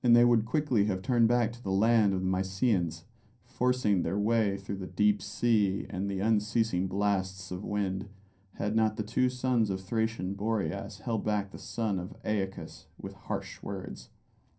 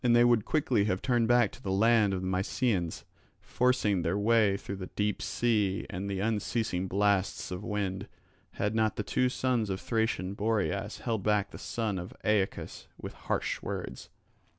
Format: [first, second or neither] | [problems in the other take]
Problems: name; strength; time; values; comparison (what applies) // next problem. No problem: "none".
second | room echo; dies away in 0.3 s